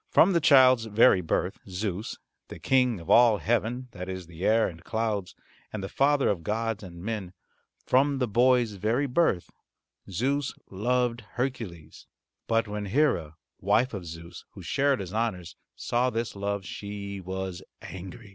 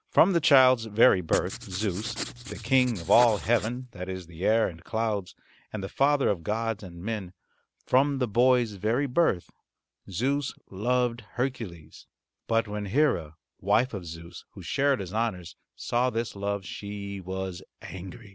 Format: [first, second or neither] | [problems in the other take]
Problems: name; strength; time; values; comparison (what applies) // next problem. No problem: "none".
first | background sound (Writing); 11 dB below the speech